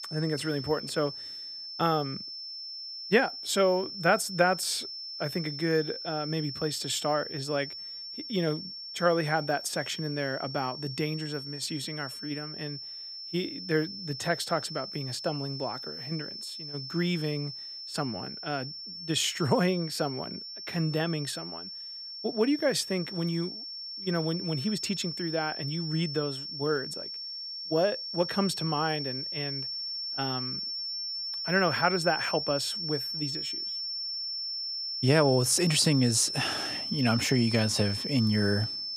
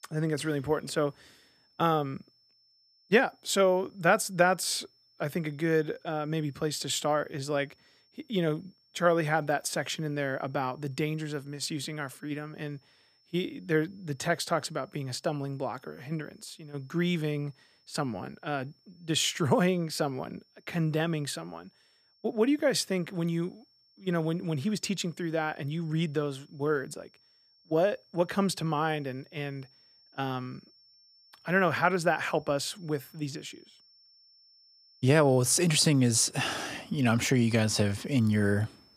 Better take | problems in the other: second | high-pitched whine; loud; throughout; 5.5 kHz, 5 dB below the speech; faint in the second

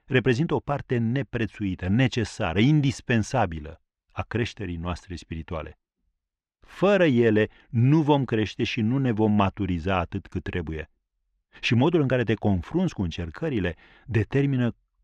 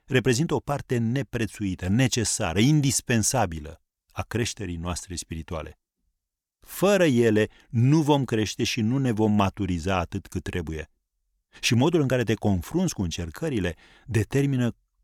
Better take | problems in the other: second | muffled; slightly; fading above 2.5 kHz

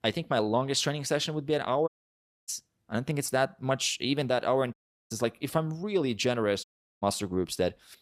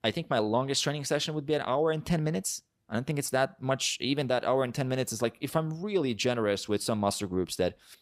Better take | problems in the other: second | audio cutting out; at 2 s for 0.5 s, at 4.5 s and at 6.5 s

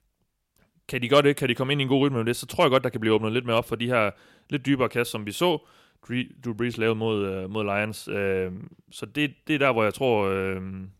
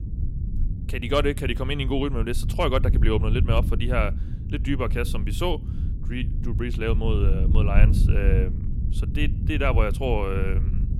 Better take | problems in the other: first | low rumble; noticeable; throughout; 10 dB below the speech

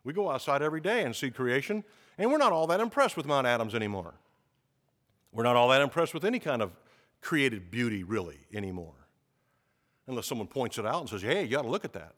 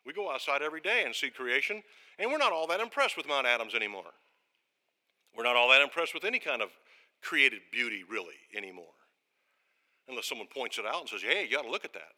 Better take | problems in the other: first | thin; somewhat; fading below 350 Hz

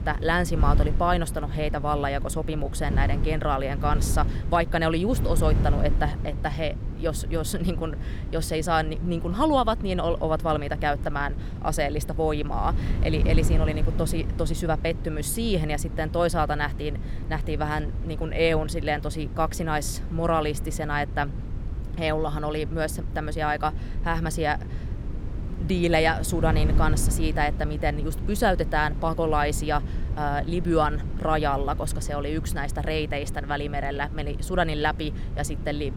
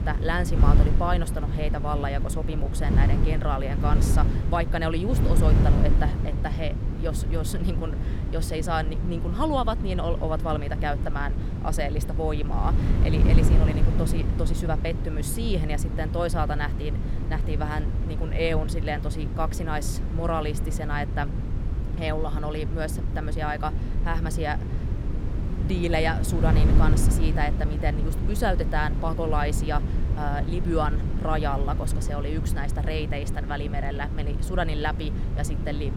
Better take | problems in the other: first | wind noise on the microphone; heavy; 8 dB below the speech; occasional gusts in the first

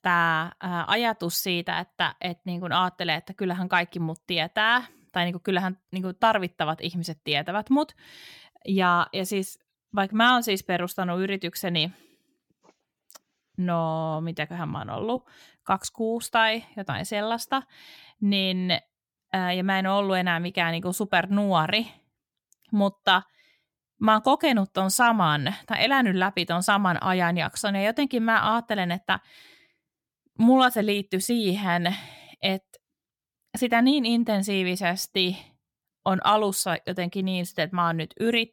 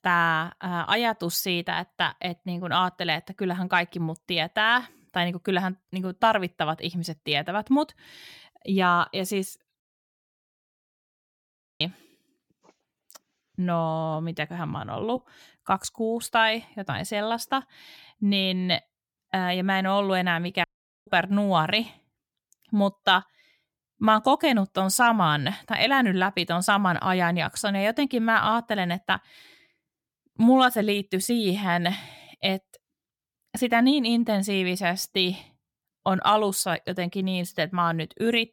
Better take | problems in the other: first | audio cutting out; at 10 s for 2 s and at 21 s

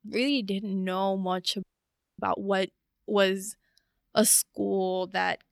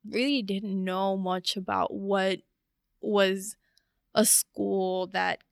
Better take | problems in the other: second | audio freezing; at 1.5 s for 0.5 s

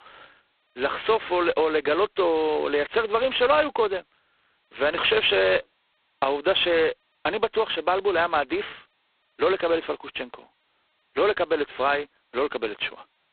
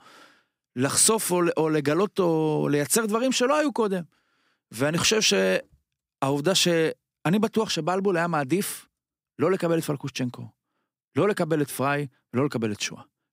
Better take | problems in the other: second | phone-call audio; poor line; nothing above 3.5 kHz

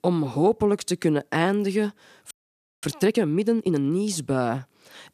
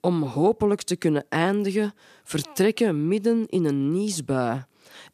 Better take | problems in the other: second | audio freezing; at 2.5 s for 0.5 s

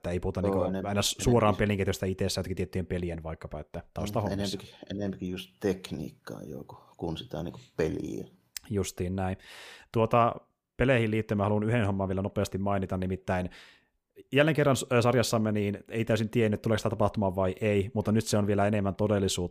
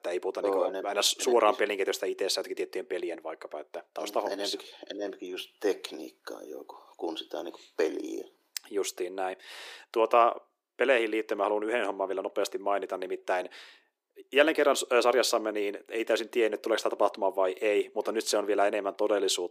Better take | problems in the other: first | thin; very; fading below 300 Hz

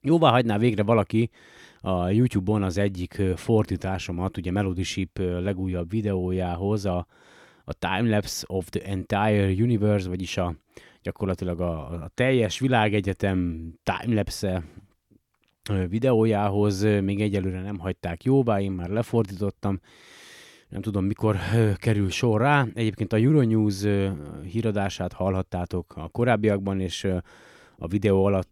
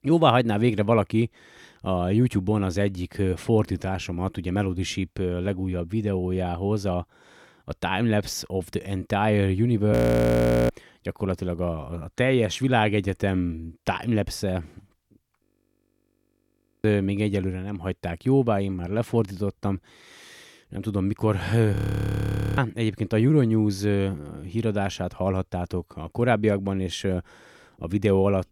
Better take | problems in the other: first | audio freezing; at 10 s for 1 s, at 15 s for 1.5 s and at 22 s for 1 s

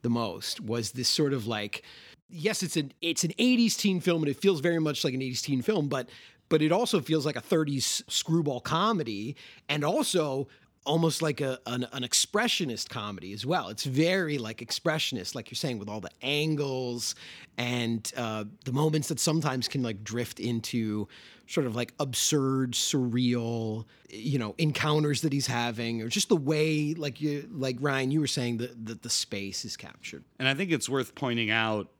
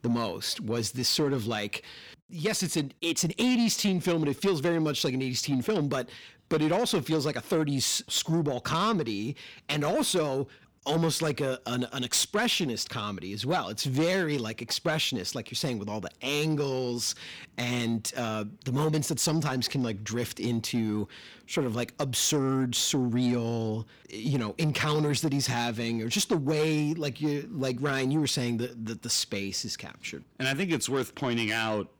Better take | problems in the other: first | distortion; slight; 10 dB below the speech

